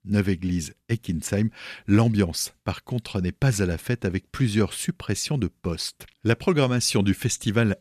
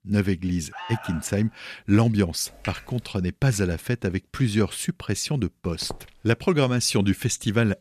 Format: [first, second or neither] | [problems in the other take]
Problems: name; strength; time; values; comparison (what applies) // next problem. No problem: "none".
first | alarm; faint; at 0.5 s; peak 10 dB below the speech // keyboard typing; faint; at 2.5 s; peak 15 dB below the speech // footsteps; faint; at 6 s; peak 15 dB below the speech